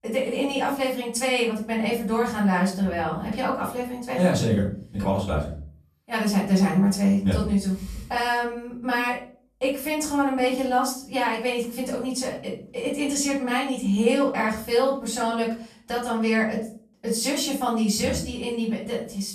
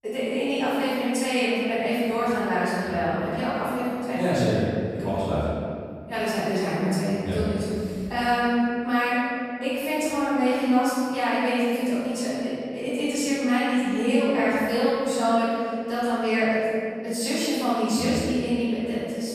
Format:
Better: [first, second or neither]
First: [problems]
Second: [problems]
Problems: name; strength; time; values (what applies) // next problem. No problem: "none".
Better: first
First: room echo; slight; dies away in 0.4 s // off-mic speech; far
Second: room echo; strong; dies away in 2.2 s // off-mic speech; far